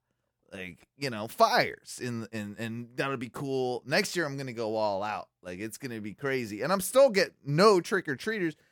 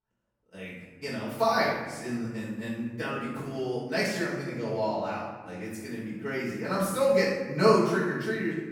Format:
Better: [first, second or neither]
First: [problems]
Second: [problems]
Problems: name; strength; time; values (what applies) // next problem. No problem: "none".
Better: first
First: none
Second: off-mic speech; far // room echo; noticeable; dies away in 1.5 s